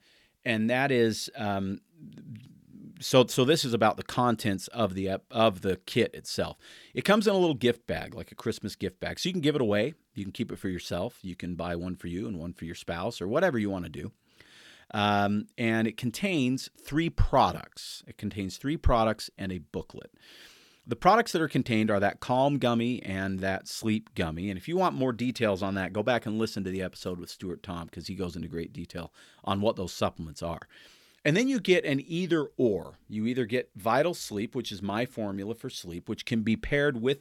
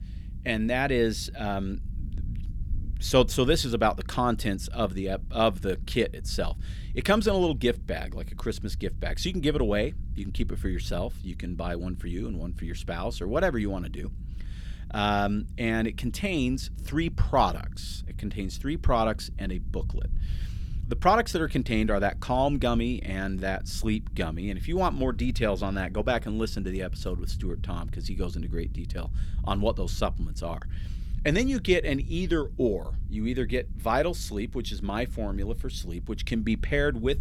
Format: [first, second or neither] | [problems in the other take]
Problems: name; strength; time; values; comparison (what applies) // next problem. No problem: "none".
first | low rumble; faint; throughout; 25 dB below the speech